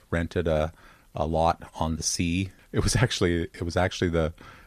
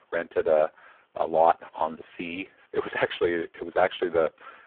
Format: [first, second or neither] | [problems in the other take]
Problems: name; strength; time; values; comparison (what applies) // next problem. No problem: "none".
first | phone-call audio; poor line